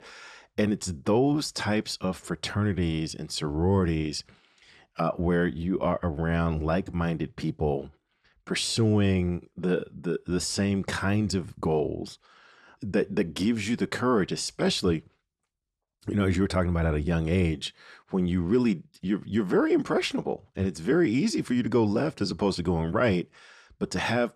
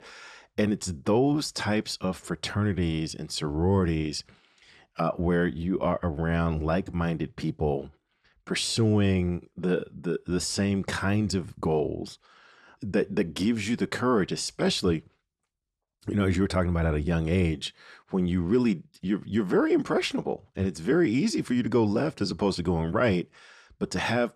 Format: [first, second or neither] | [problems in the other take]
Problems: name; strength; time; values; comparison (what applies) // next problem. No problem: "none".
neither | none